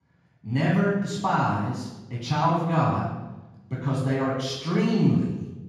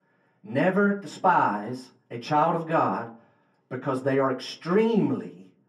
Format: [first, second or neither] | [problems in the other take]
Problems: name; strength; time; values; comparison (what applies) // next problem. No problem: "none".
second | room echo; strong; dies away in 1.3 s; slight in the second // off-mic speech; far; far in the second